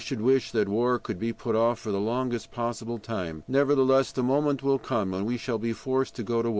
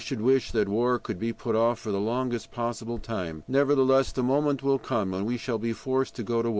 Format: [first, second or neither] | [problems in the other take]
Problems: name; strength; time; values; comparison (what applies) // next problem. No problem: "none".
first | background sound (Thump, thud); 18 dB below the speech